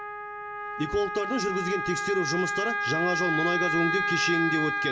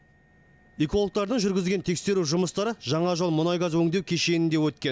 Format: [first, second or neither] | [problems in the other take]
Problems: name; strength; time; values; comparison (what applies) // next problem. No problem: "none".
second | background sound (Wind instrument, woodwind instrument); as loud as the speech // room echo; dies away in 0.4 s